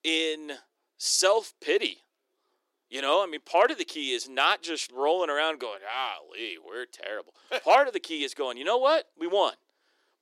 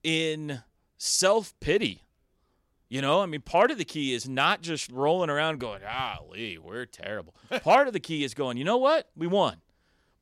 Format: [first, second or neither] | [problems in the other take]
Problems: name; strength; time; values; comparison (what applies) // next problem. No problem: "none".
second | thin; somewhat; fading below 350 Hz